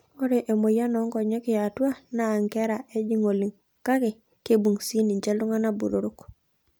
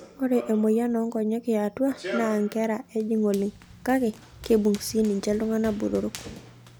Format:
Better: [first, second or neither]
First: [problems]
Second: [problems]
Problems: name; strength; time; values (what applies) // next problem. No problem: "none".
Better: first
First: none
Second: background sound (Run); 16 dB below the speech